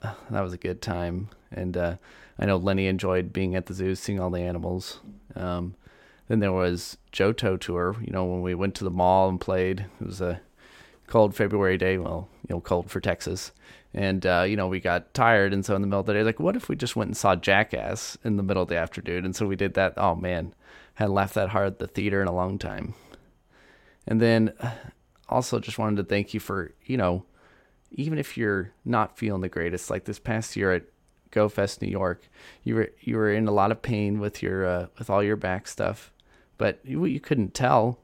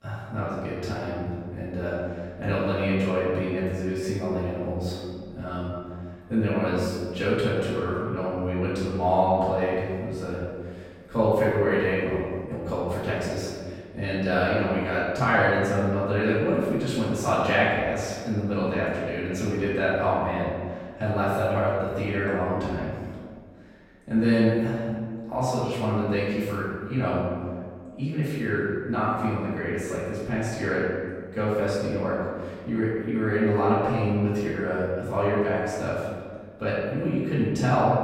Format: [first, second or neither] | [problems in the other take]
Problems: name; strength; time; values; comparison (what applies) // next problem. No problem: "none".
first | room echo; strong; dies away in 1.6 s // off-mic speech; far